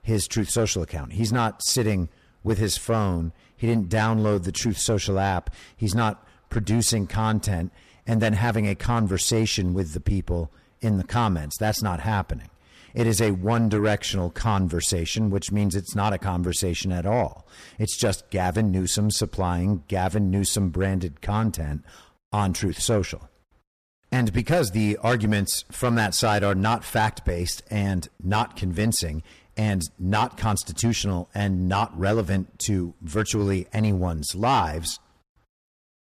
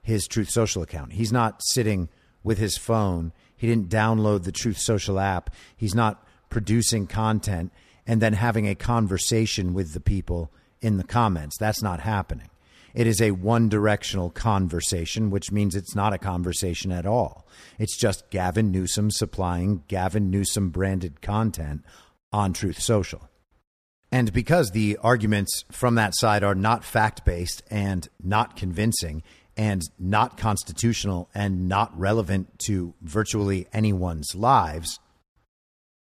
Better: second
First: distortion; slight; 10 dB below the speech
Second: none

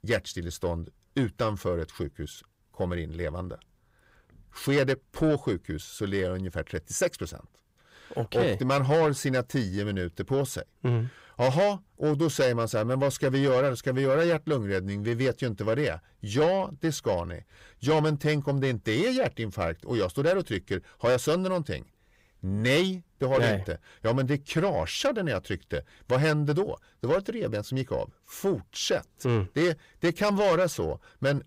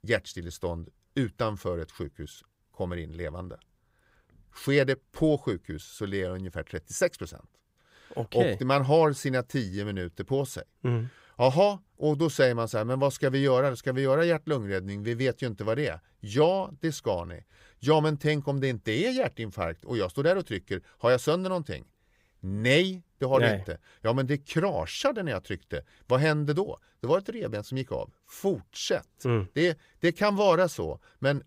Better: second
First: distortion; slight; 10 dB below the speech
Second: none

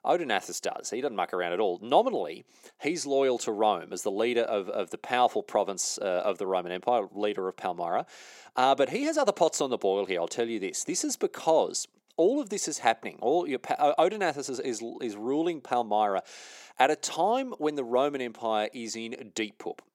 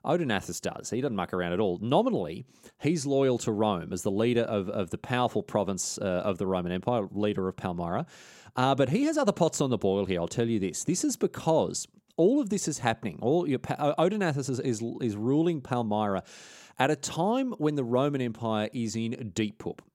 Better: second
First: thin; somewhat; fading below 400 Hz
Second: none

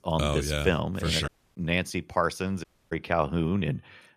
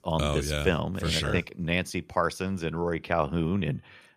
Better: second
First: audio cutting out; at 1.5 s and at 2.5 s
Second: none

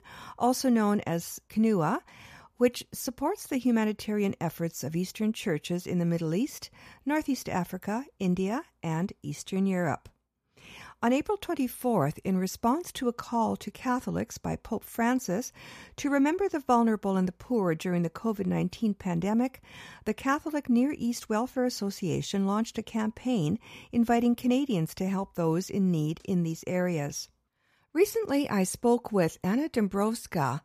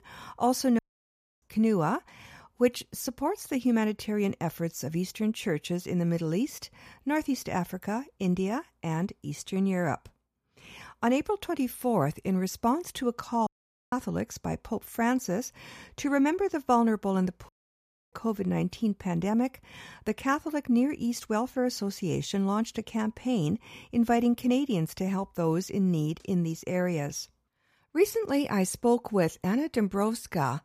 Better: first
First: none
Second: audio cutting out; at 1 s for 0.5 s, at 13 s and at 17 s for 0.5 s

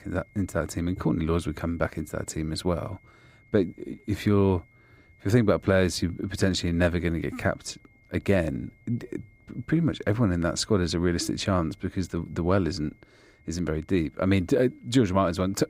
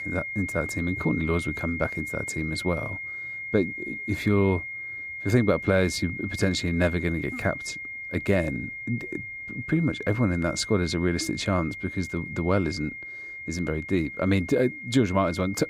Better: first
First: high-pitched whine; faint; throughout; 2 kHz, 35 dB below the speech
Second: high-pitched whine; loud; throughout; 2 kHz, 7 dB below the speech

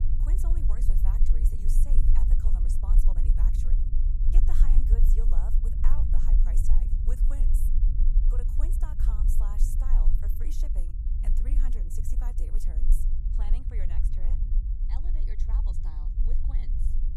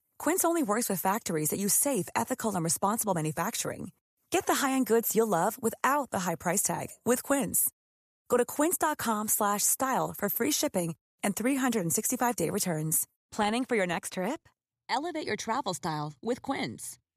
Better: second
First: low rumble; loud; throughout; as loud as the speech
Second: none

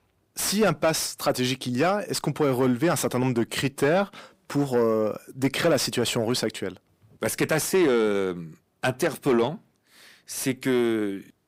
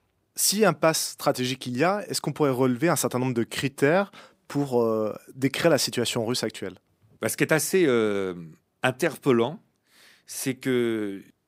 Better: second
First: distortion; slight; 10 dB below the speech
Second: none

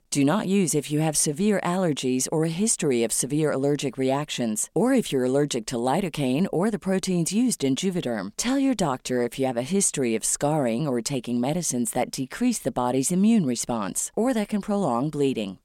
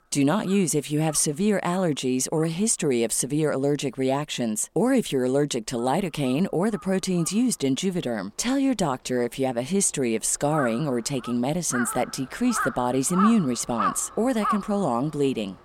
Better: first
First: none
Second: animal sounds; loud; throughout; 7 dB below the speech

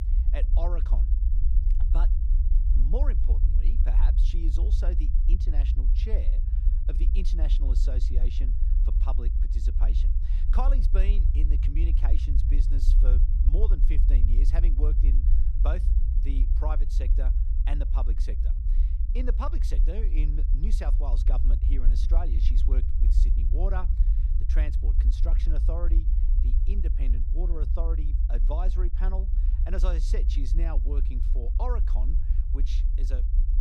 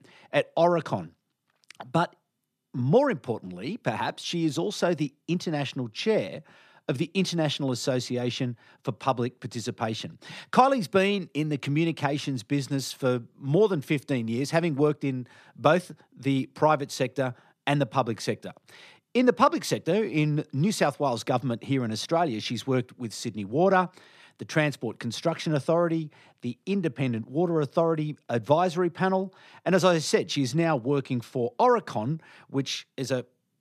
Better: second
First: low rumble; loud; throughout; 6 dB below the speech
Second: none

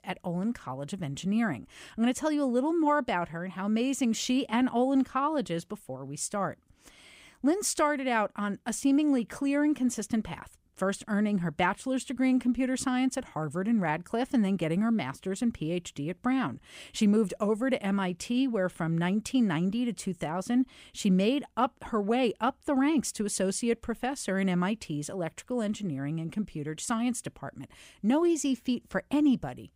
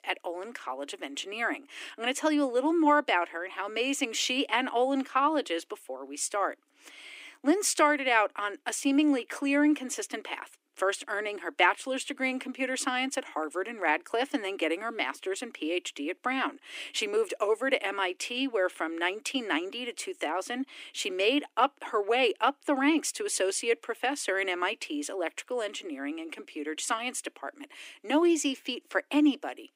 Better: first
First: none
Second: thin; somewhat; fading below 300 Hz

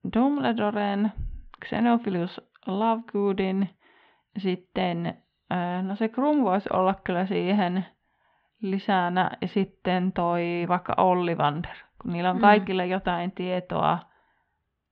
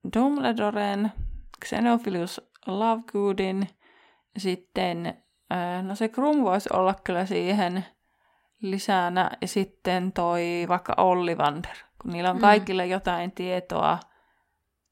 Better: second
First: muffled; slightly; fading above 3.5 kHz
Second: none

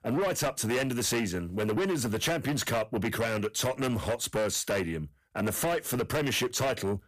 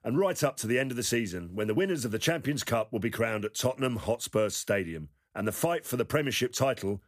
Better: second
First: distortion; heavy; 7 dB below the speech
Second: none

